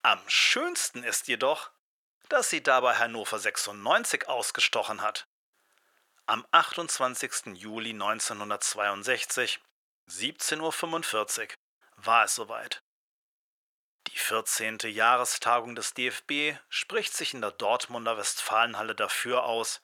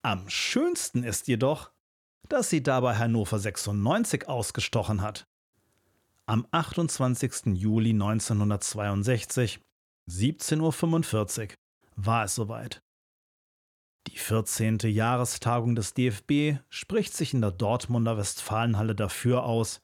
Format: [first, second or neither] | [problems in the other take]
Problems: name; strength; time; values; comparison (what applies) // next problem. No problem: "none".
second | thin; very; fading below 650 Hz